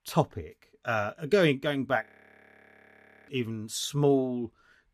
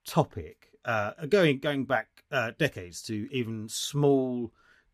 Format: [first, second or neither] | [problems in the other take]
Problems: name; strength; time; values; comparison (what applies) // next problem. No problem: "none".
second | audio freezing; at 2 s for 1 s